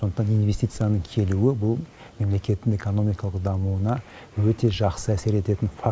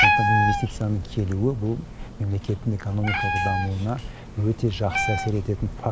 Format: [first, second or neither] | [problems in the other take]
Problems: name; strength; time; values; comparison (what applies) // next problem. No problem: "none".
first | background sound (Meow); 1 dB below the speech